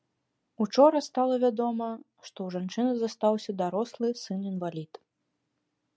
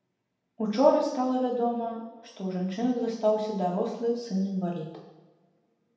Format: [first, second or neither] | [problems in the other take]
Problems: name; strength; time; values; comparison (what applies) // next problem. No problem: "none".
first | room echo; dies away in 0.9 s